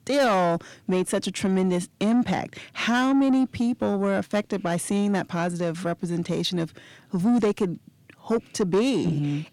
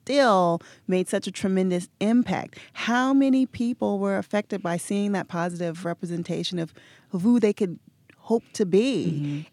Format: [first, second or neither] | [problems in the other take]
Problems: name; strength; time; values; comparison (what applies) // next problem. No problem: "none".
second | distortion; slight; 10 dB below the speech